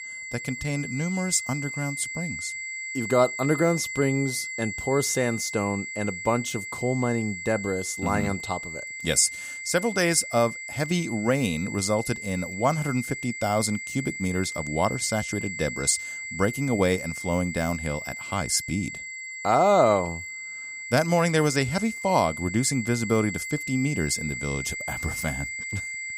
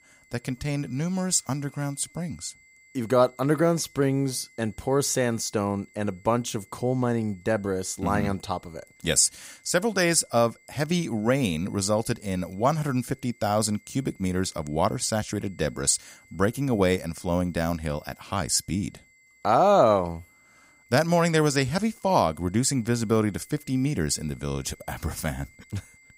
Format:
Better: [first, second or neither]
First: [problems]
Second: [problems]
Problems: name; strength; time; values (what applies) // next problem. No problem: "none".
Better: second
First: high-pitched whine; loud; throughout; 2 kHz, 7 dB below the speech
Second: high-pitched whine; faint; throughout; 2 kHz, 30 dB below the speech